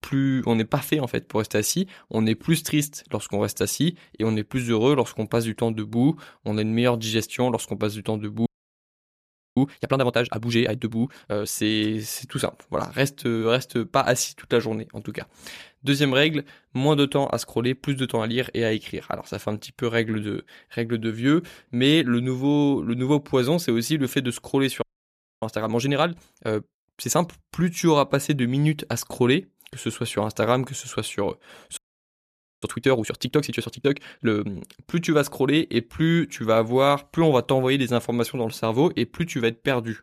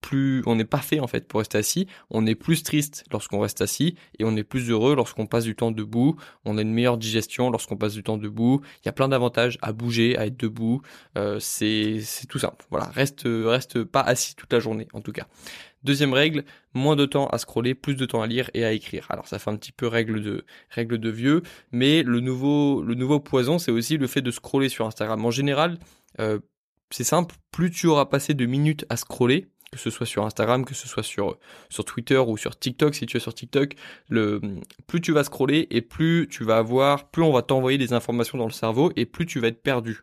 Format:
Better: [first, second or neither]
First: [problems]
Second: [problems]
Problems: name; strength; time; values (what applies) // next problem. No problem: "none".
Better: second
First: audio freezing; at 8.5 s for 1 s, at 25 s for 0.5 s and at 32 s for 1 s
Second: none